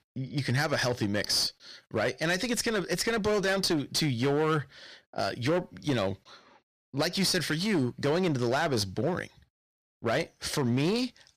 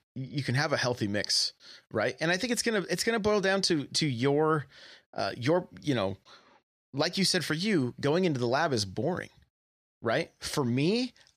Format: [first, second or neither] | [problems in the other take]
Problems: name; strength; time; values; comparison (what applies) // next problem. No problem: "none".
second | distortion; slight; 12% of the sound clipped